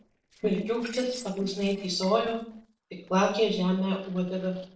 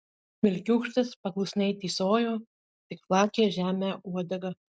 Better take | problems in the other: second | noise reduction (neural separator model SepFormer DNS4)

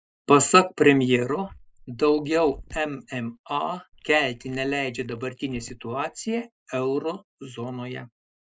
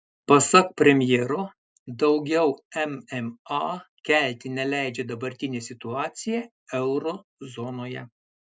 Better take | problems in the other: second | noise reduction (neural mask model Resemble Enhance denoiser)

